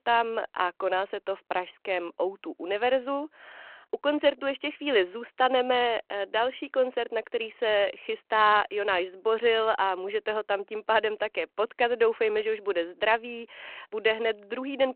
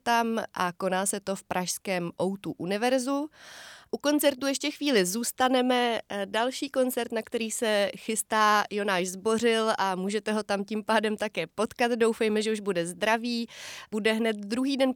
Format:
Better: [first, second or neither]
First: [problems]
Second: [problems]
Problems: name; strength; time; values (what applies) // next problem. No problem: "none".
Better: second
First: phone-call audio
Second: none